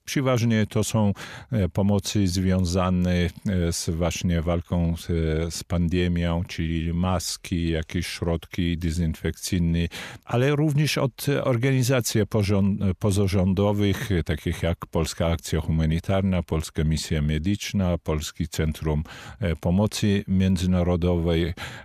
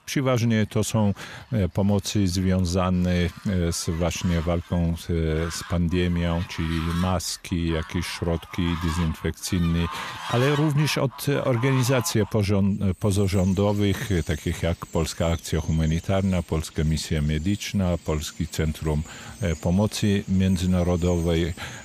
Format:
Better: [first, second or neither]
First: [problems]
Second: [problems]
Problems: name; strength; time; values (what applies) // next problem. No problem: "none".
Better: first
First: none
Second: animal sounds; noticeable; throughout; 15 dB below the speech